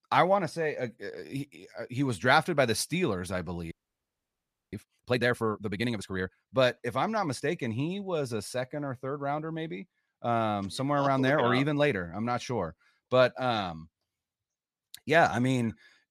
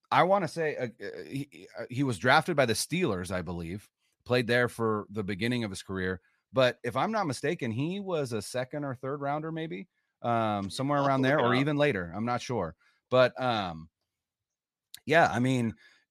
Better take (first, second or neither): second